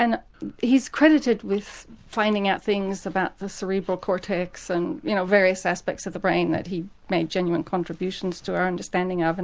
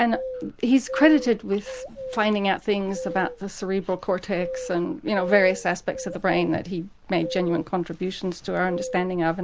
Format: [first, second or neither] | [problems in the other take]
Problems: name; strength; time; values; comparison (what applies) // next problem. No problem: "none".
first | background sound (Bird vocalization, bird call, bird song); 12 dB below the speech